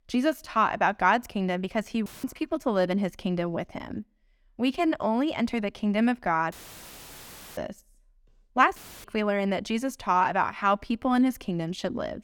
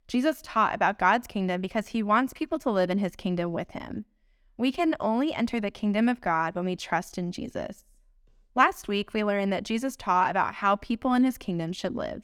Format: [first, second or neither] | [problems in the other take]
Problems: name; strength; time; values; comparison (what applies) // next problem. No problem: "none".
second | audio cutting out; filled with static; at 2 s, at 6.5 s for 1 s and at 9 s